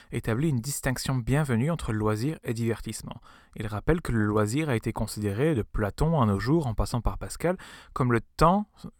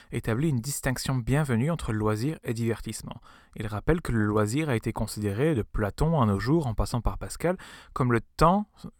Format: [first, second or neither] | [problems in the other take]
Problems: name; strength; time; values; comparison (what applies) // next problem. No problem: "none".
neither | none